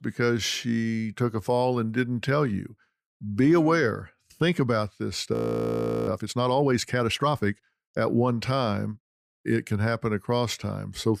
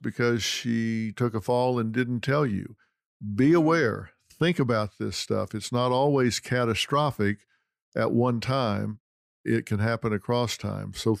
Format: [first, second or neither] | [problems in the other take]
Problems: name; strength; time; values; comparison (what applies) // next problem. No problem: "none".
second | audio freezing; at 5.5 s for 0.5 s